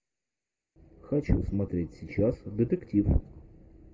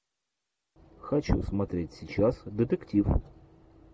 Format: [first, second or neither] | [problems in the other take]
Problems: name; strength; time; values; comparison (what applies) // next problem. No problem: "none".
second | room echo; dies away in 2.4 s